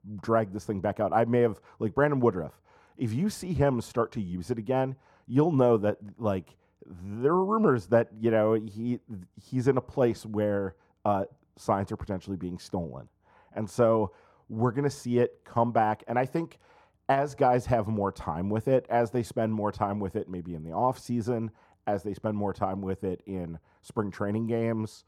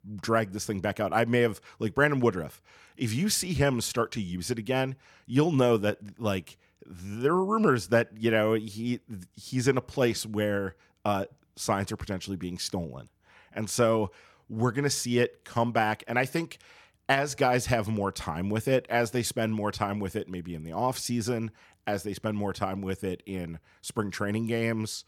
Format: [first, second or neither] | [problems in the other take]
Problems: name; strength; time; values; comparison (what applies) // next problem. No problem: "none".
second | muffled; slightly; fading above 1 kHz